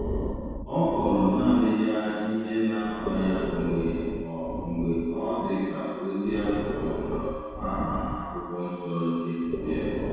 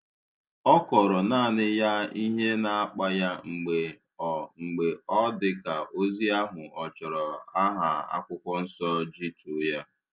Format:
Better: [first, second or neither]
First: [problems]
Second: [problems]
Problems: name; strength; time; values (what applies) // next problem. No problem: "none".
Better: second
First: background sound (Breathing); 6 dB below the speech // room echo; dies away in 2 s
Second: none